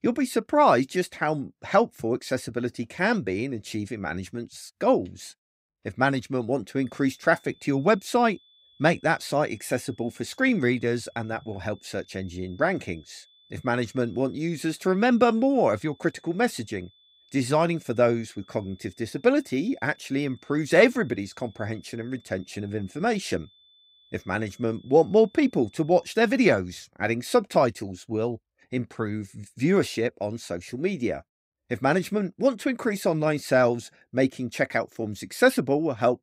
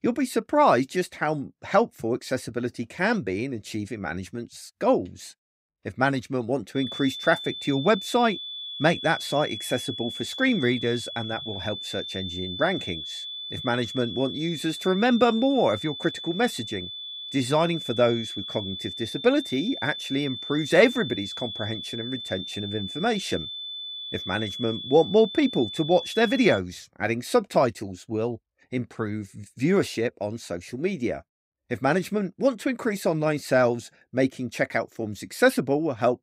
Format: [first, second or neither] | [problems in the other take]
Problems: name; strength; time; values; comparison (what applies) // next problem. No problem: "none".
first | high-pitched whine; loud; from 7 to 27 s; 3.5 kHz, 8 dB below the speech; faint in the first